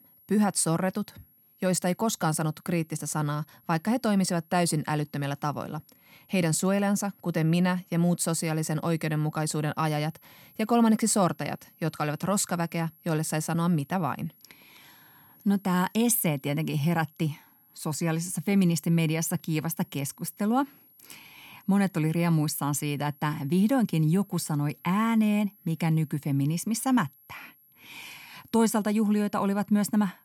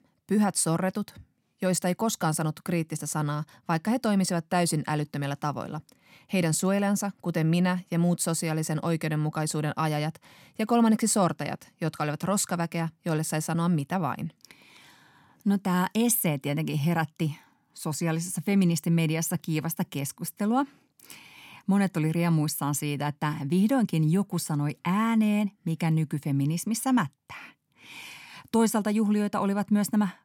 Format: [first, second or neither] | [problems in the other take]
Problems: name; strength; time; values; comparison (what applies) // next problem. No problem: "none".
second | high-pitched whine; faint; throughout; 11.5 kHz, 30 dB below the speech